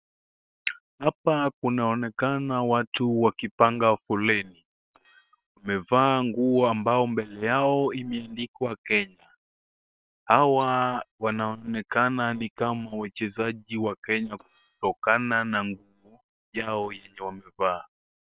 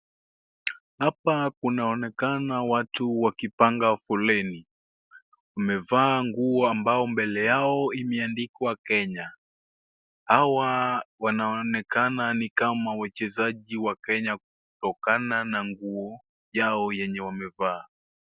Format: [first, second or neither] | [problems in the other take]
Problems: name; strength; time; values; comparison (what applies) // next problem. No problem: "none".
second | noise reduction (neural separator model SepFormer WHAM!)